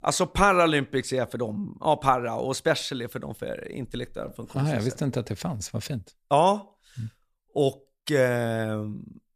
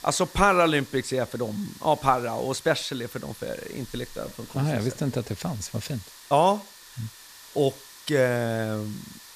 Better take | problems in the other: first | hiss; noticeable; throughout; 20 dB below the speech

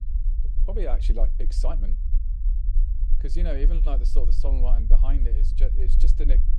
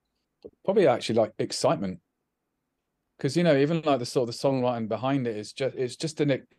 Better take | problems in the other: second | low rumble; noticeable; throughout; 10 dB below the speech

